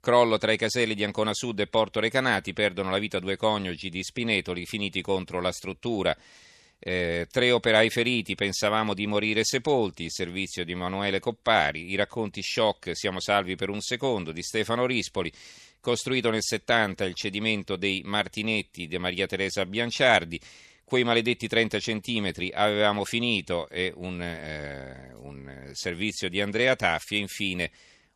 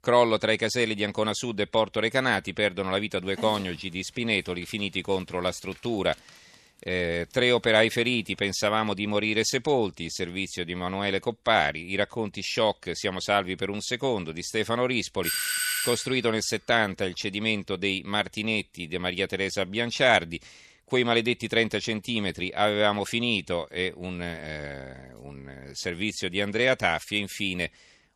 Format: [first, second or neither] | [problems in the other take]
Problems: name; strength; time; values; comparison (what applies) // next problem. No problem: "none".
first | dog barking; faint; from 3.5 to 8 s; peak 10 dB below the speech // doorbell; loud; at 15 s; peak 1 dB above the speech